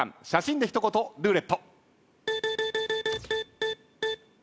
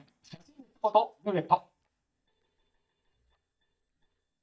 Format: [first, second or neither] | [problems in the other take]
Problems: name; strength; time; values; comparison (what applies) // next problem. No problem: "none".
first | noise reduction (neural mask model DeepFilterNet 3)